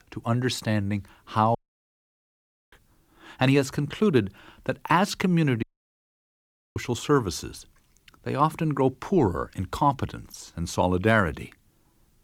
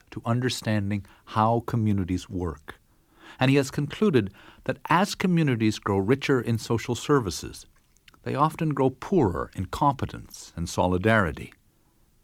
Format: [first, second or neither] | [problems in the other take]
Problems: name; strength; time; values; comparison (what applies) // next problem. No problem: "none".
second | audio cutting out; at 1.5 s for 1 s and at 5.5 s for 1 s